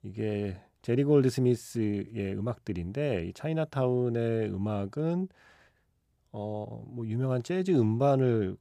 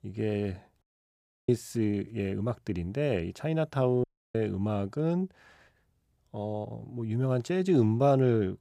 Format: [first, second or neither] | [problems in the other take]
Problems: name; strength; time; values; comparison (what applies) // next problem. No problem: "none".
first | audio cutting out; at 1 s for 0.5 s and at 4 s